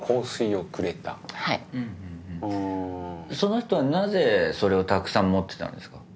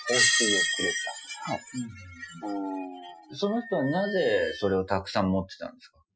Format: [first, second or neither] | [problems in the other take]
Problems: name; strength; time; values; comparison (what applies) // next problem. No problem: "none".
first | noise reduction (classical method Wiener filter)